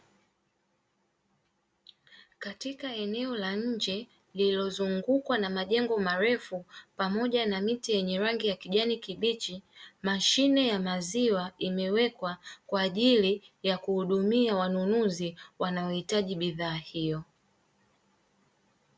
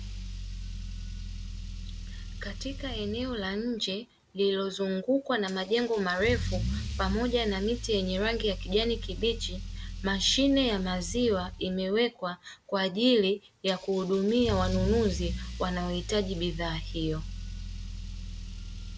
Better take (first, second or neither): first